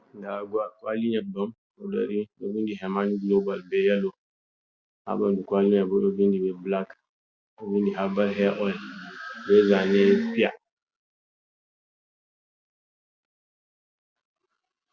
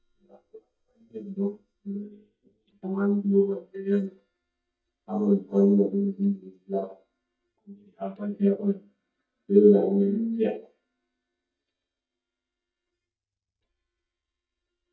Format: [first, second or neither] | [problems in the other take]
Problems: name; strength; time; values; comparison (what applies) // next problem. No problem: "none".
first | noise reduction (neural mask model DeepFilterNet 3)